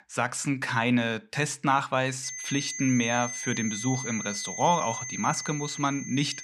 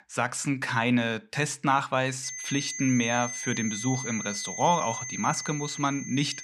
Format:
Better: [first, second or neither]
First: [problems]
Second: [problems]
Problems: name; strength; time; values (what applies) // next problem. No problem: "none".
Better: neither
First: high-pitched whine; loud; from 2 s on; 6.5 kHz, 6 dB below the speech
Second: high-pitched whine; loud; from 2 s on; 6.5 kHz, 6 dB below the speech